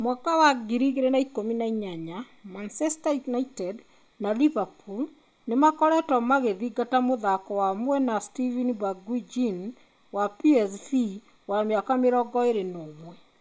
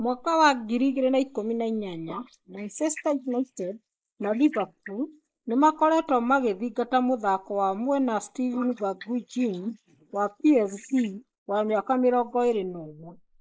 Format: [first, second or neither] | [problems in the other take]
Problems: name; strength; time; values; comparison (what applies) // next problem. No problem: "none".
first | noise reduction (neural mask model Resemble Enhance denoiser)